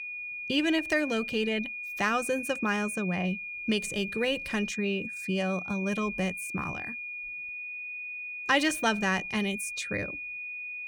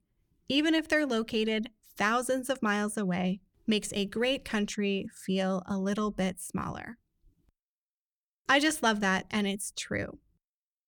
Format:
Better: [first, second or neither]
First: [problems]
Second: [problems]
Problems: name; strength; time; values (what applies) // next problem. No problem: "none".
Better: second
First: high-pitched whine; loud; throughout; 2.5 kHz, 6 dB below the speech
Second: none